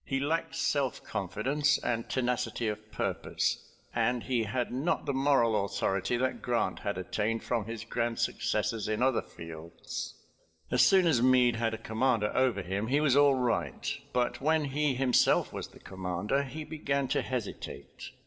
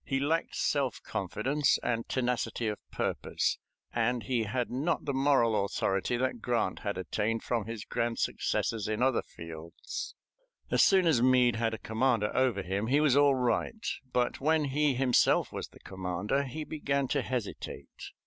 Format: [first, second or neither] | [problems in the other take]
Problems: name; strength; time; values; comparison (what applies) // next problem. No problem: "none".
second | room echo; dies away in 0.7 s